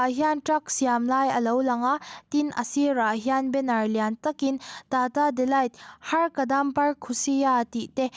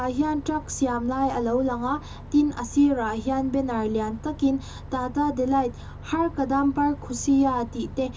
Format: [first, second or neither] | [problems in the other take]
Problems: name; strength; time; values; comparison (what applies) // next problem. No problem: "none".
first | background sound (Bus); 14 dB below the speech // room echo; dies away in 0.2 s